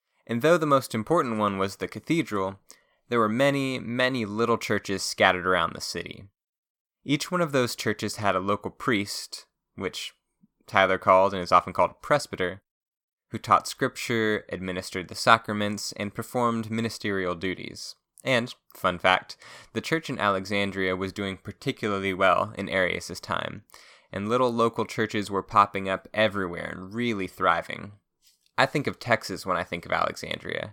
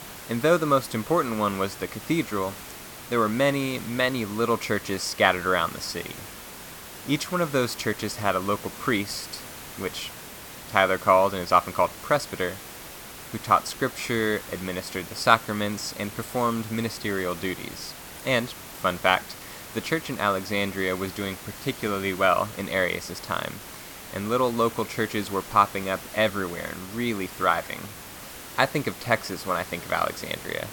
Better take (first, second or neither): first